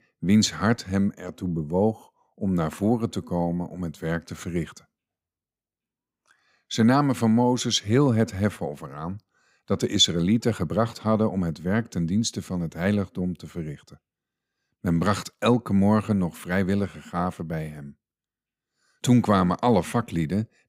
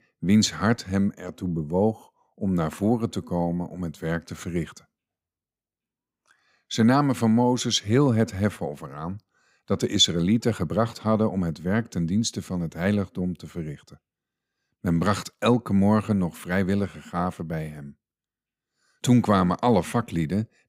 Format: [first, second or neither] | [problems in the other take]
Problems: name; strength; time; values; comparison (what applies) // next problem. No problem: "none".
neither | none